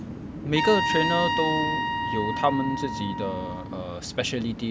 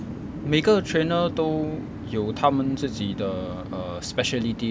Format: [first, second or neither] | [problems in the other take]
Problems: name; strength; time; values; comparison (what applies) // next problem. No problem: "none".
second | background sound (Trumpet); 1 dB below the speech